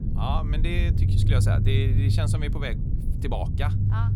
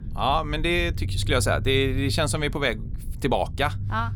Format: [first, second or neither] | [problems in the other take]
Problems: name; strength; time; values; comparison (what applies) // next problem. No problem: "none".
second | low rumble; loud; throughout; 4 dB below the speech; faint in the second